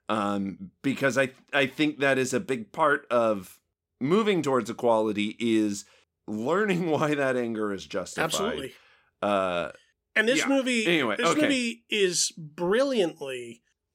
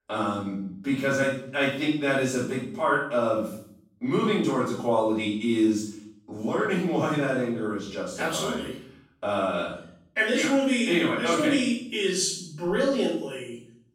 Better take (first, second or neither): first